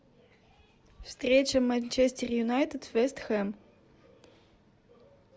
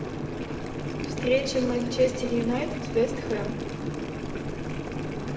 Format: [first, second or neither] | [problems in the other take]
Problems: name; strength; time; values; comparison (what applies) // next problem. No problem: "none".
first | background sound (Boiling); 2 dB below the speech // room echo; dies away in 1.5 s